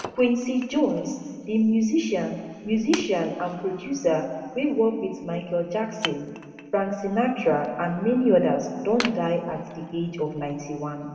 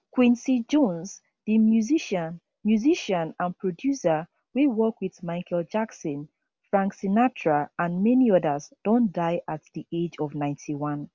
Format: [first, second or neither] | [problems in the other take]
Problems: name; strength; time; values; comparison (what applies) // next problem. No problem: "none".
second | background sound (Wood); 17 dB below the speech // room echo; dies away in 2.1 s